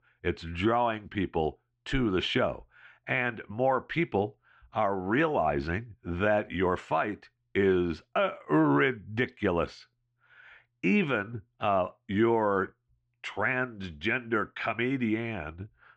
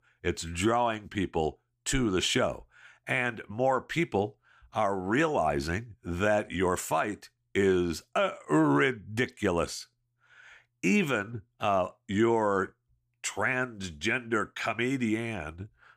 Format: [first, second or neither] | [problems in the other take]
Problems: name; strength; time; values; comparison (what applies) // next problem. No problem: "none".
second | muffled; very; fading above 3.5 kHz